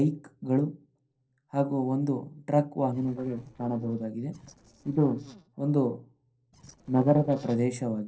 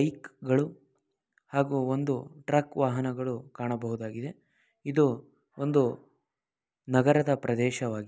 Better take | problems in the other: second | noise reduction (neural separator model SepFormer DNS4)

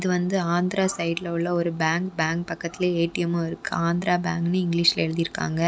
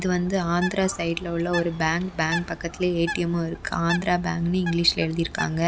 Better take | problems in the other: first | background sound (Bird); 12 dB below the speech

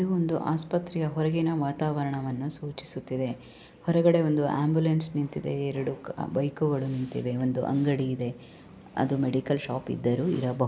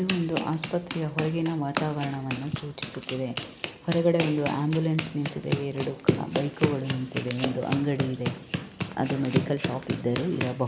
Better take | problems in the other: first | background sound (Run); 4 dB below the speech

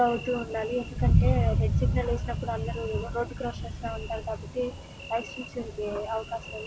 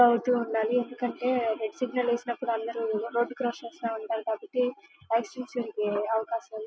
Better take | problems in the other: second | background sound (Thunder); 3 dB above the speech

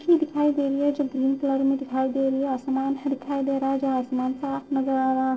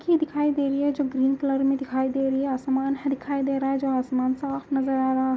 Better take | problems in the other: second | noise reduction (neural separator model SepFormer DNS4)

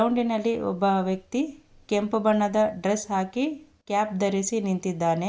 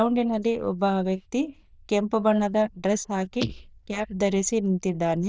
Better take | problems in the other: first | noise reduction (neural diffusion model UNIVERSE++)

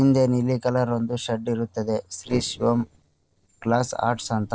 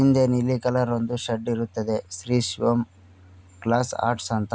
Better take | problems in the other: second | noise reduction (neural separator model SepFormer DNS4)

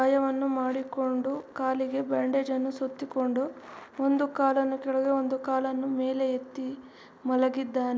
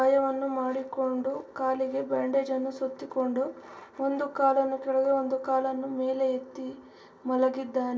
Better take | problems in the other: first | room echo; dies away in 0.2 s

